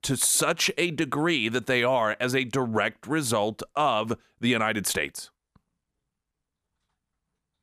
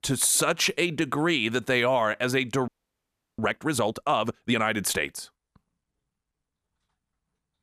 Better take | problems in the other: first | audio freezing; at 2.5 s for 0.5 s

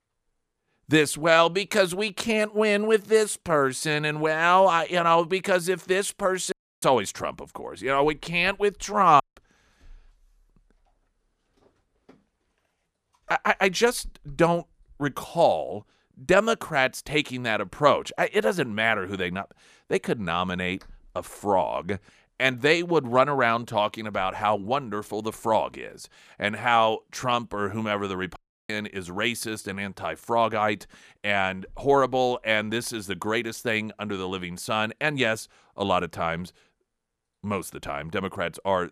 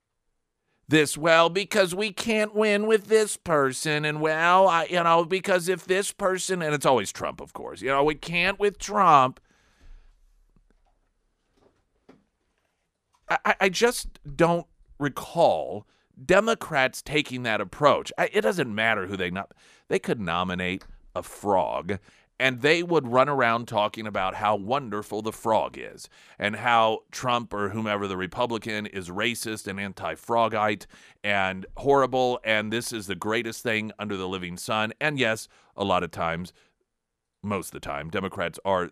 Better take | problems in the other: second | audio cutting out; at 6.5 s, at 9 s and at 28 s

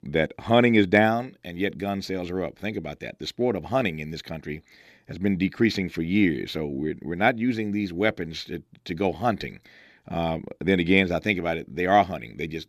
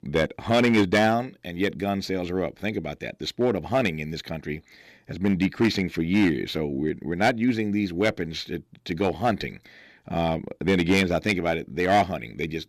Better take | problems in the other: first | distortion; slight; 3% of the sound clipped

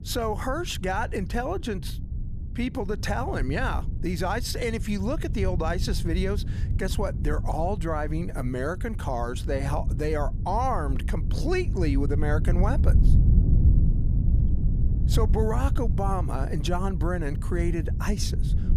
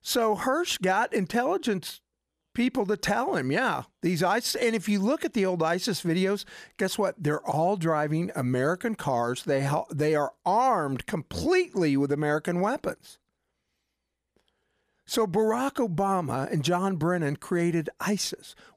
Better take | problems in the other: second | wind noise on the microphone; occasional gusts; 10 dB below the speech

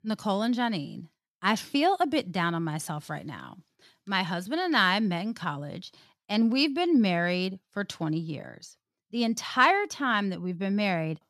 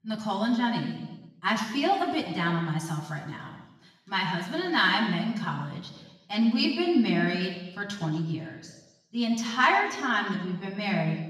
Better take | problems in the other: first | room echo; noticeable; dies away in 1.1 s // off-mic speech; far

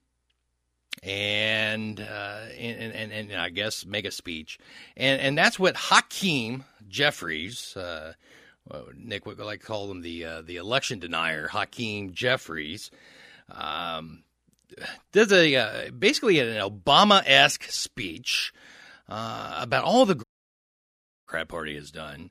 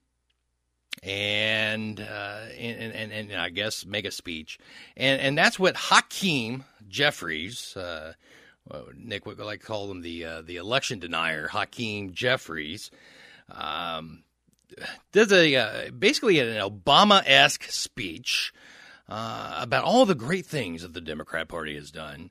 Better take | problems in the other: second | audio cutting out; at 20 s for 1 s

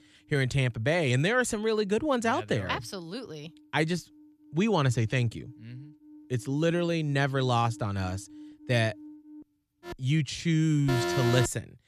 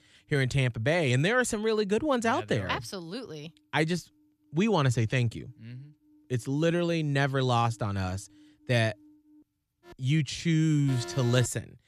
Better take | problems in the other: second | alarms or sirens; loud; throughout; 9 dB below the speech; faint in the second

